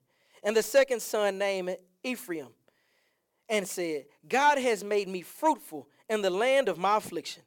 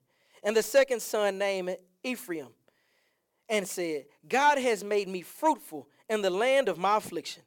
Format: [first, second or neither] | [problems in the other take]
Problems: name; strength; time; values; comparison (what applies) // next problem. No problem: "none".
neither | none